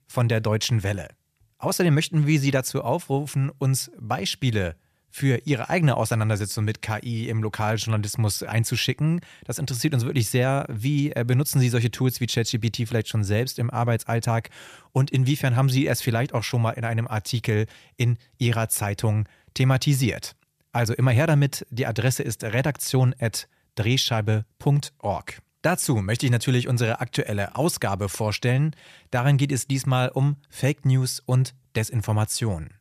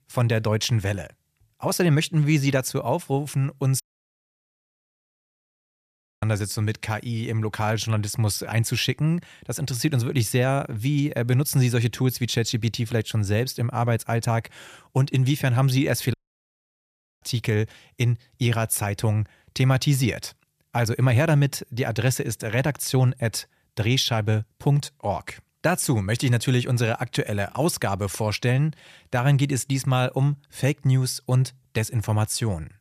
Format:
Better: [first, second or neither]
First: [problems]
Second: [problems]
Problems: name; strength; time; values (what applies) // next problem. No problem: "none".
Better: first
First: none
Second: audio cutting out; at 4 s for 2.5 s and at 16 s for 1 s